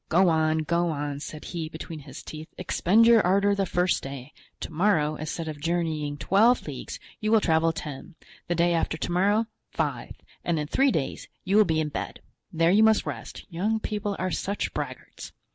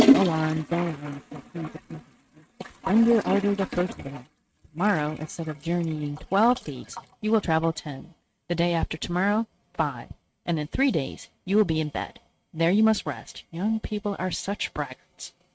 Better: first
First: none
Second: noise reduction (neural mask model RNNoise)

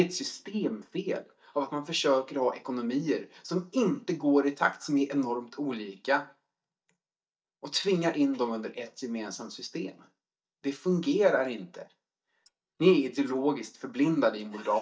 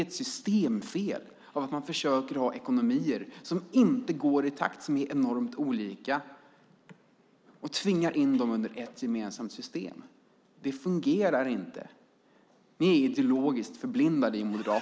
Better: second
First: noise reduction (neural mask model DeepFilterNet 3)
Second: none

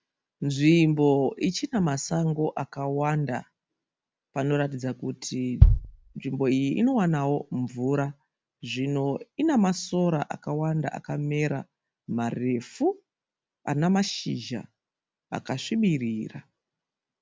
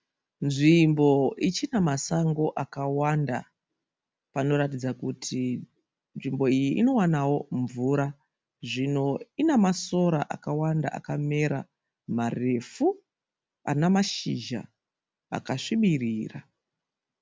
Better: second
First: background sound (Bass drum); 3 dB above the speech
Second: none

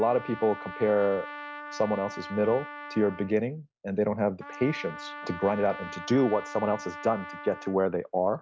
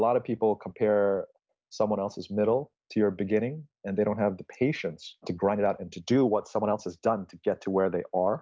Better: second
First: background sound (Trumpet); 13 dB below the speech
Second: none

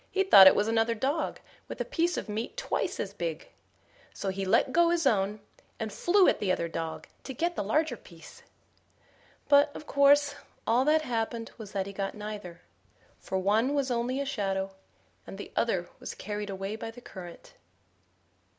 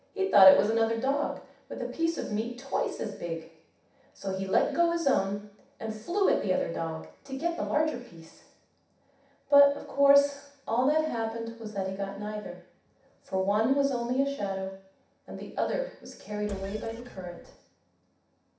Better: first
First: none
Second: background sound (Engine); 15 dB below the speech // room echo; dies away in 0.7 s

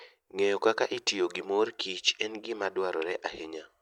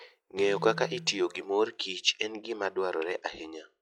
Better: first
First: none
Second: noise reduction (classical method log-MMSE)

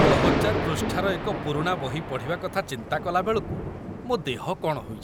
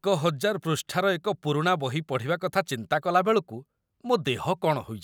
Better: second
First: background sound (Thunder); as loud as the speech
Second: none

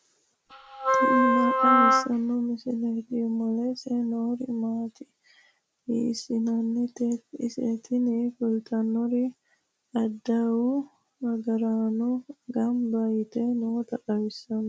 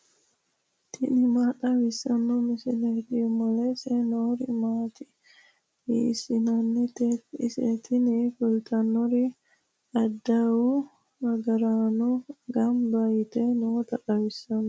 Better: second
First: background sound (Wind instrument, woodwind instrument); 5 dB above the speech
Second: none

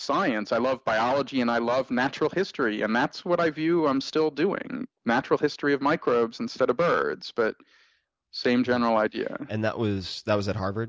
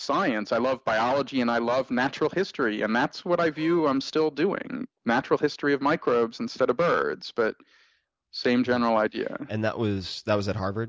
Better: first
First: none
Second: background sound (Bowed string instrument); 20 dB below the speech

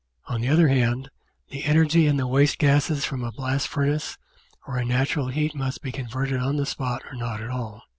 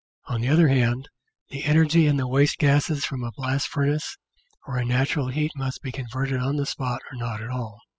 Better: first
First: none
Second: noise reduction (classical method spectral subtraction)

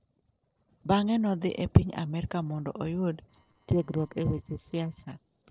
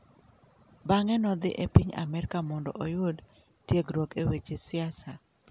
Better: second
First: noise reduction (neural separator model SepFormer DNS4)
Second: none

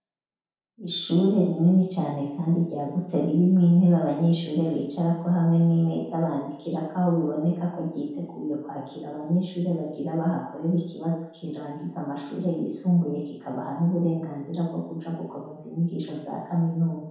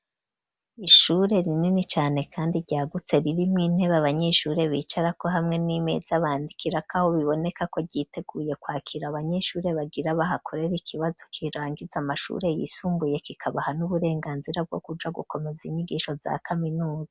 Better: second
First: room echo; dies away in 0.8 s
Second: none

